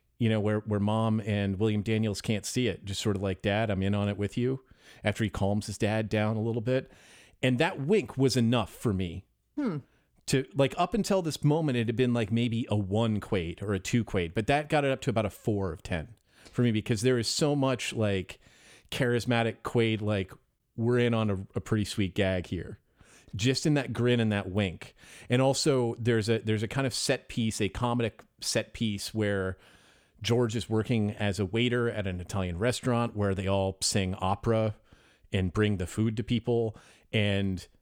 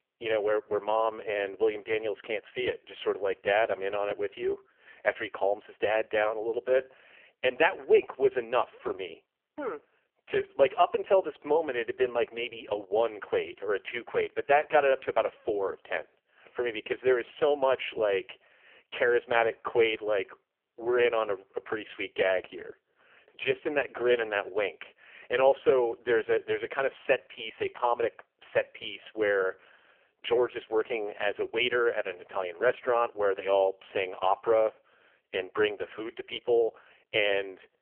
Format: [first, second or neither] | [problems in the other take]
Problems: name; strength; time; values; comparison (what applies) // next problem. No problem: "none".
first | phone-call audio; poor line; nothing above 3 kHz